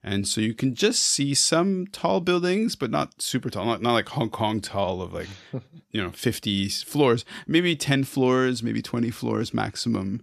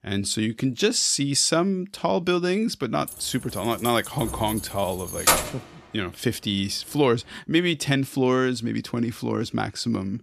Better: first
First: none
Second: jangling keys; loud; from 3 to 5.5 s; peak 5 dB above the speech

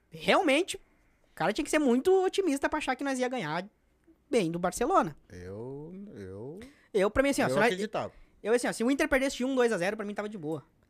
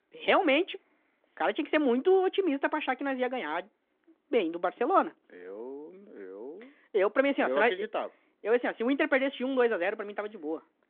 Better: first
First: none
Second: phone-call audio; nothing above 3.5 kHz

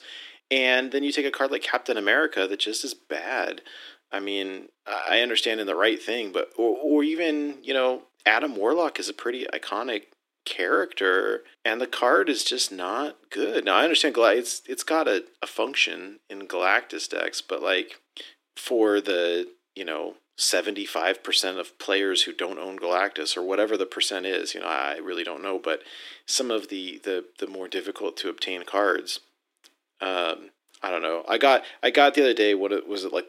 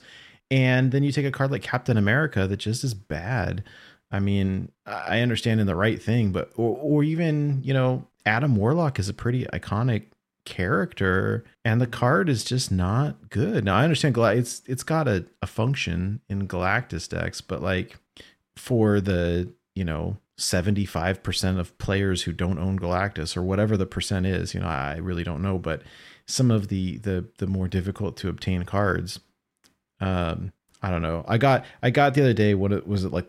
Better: second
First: thin; very; fading below 300 Hz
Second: none

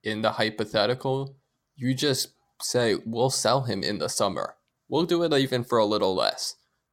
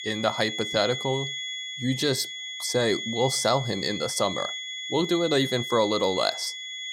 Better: first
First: none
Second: high-pitched whine; loud; throughout; 3.5 kHz, 5 dB below the speech

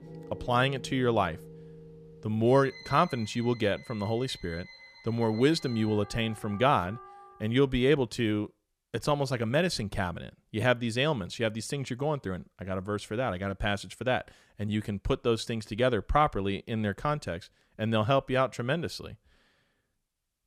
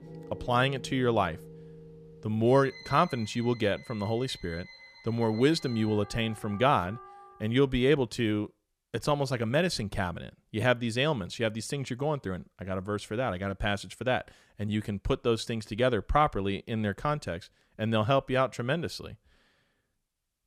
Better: neither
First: background music; noticeable; until 7 s; 20 dB below the speech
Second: background music; noticeable; until 7 s; 20 dB below the speech

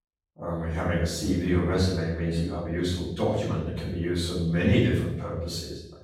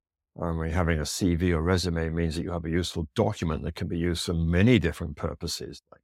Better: second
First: room echo; noticeable; dies away in 0.7 s // off-mic speech; far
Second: none

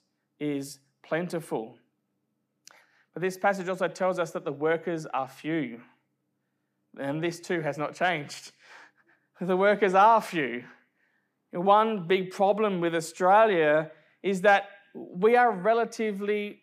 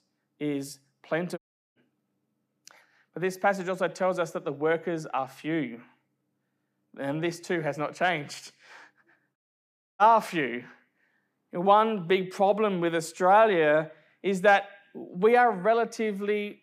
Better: first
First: none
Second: audio cutting out; at 1.5 s and at 9.5 s for 0.5 s

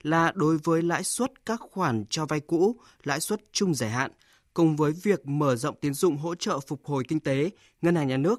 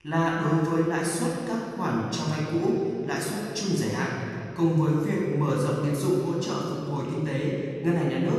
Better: first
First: none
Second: off-mic speech; far // room echo; noticeable; dies away in 2.5 s

